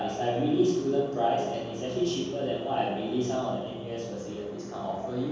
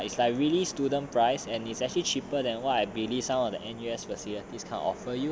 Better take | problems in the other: second | room echo; dies away in 1.3 s

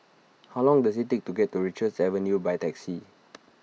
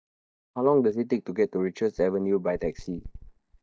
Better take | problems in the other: first | noise reduction (neural mask model DeepFilterNet 3)

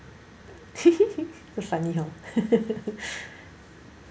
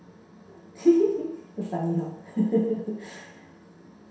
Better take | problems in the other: first | room echo; dies away in 0.7 s

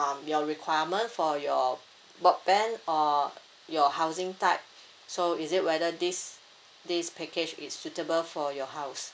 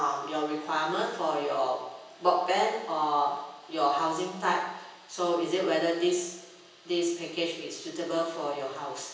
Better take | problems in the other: first | room echo; dies away in 0.9 s

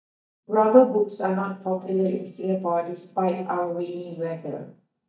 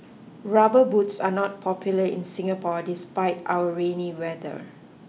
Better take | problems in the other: second | noise reduction (neural mask model DeepFilterNet 3)

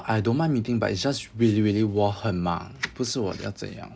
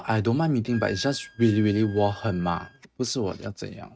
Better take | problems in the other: first | noise reduction (neural mask model RNNoise)

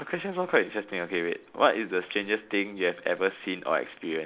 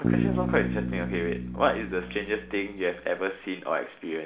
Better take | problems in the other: first | background sound (Bass guitar); 2 dB below the speech // room echo; dies away in 1.8 s

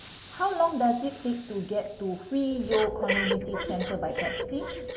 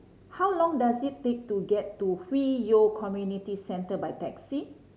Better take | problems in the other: second | background sound (Breathing); 5 dB below the speech // room echo; dies away in 0.9 s

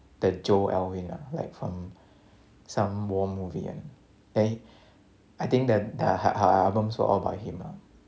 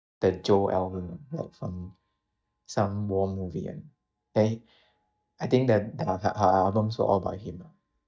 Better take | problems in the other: first | noise reduction (neural mask model DeepFilterNet 3)

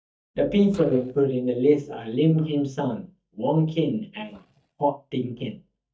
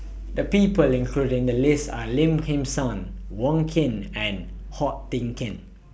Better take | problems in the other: second | noise reduction (neural mask model DeepFilterNet 3)

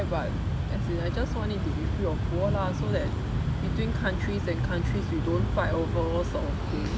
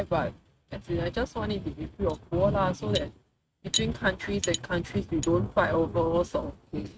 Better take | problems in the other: first | noise reduction (neural mask model RNNoise)

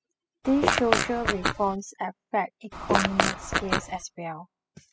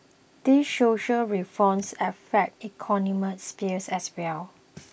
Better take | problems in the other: second | noise reduction (classical method spectral subtraction)

